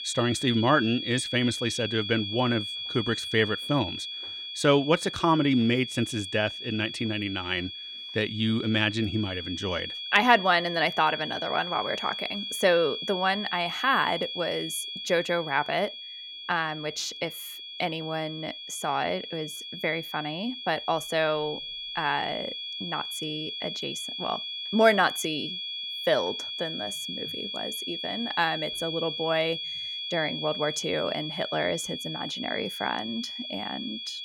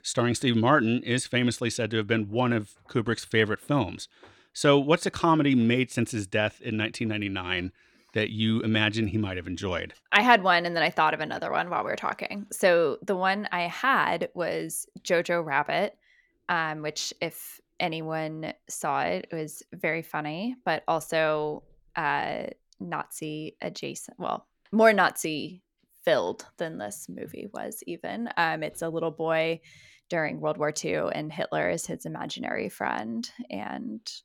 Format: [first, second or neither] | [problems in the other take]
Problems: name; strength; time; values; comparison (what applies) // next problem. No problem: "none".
second | high-pitched whine; loud; throughout; 3.5 kHz, 6 dB below the speech